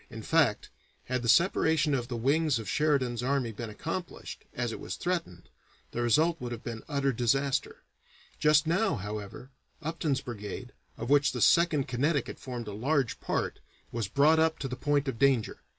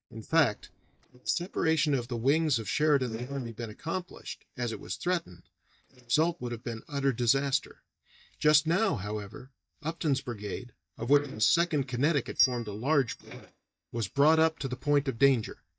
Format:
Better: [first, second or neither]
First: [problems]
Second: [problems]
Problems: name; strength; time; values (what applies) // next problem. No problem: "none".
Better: first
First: none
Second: noise reduction (neural mask model DeepFilterNet 3)